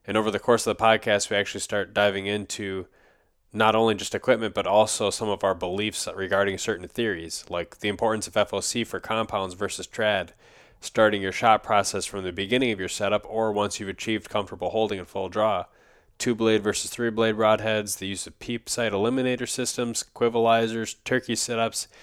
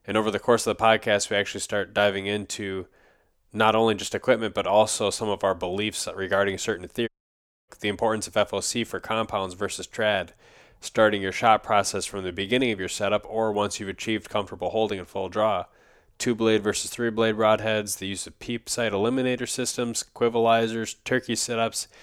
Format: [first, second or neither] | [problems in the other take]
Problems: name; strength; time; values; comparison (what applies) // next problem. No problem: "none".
first | audio cutting out; at 7 s for 0.5 s